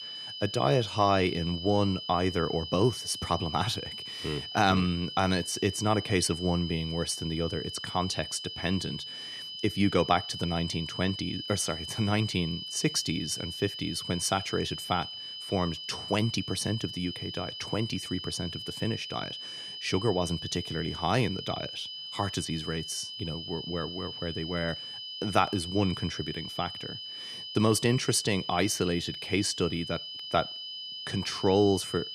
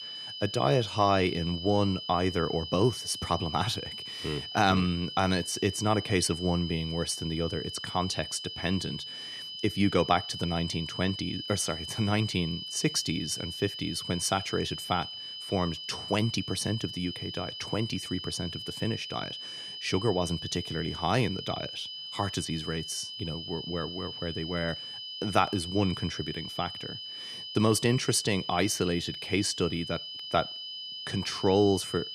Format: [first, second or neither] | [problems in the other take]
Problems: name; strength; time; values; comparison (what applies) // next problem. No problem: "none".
neither | high-pitched whine; loud; throughout; 3 kHz, 7 dB below the speech; the same in both